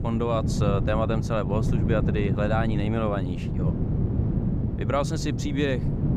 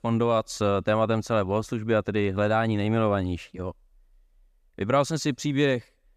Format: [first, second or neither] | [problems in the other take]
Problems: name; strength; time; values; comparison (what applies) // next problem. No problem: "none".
second | wind noise on the microphone; heavy; 8 dB below the speech